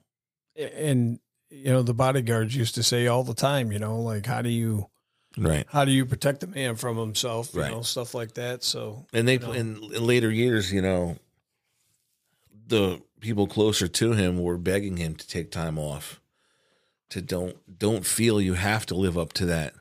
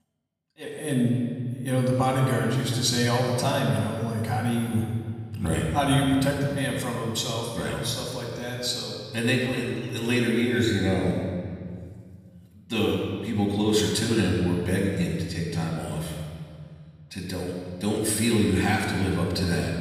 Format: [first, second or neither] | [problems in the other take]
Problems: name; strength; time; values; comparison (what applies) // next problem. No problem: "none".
first | off-mic speech; far // room echo; noticeable; dies away in 1.8 s